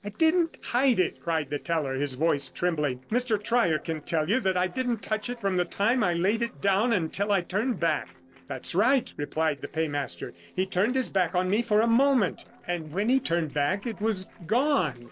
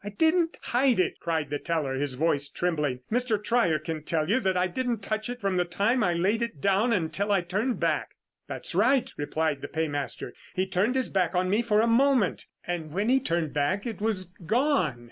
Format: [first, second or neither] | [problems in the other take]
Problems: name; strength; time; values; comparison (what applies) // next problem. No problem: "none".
second | noise reduction (neural separator model SepFormer DNS4)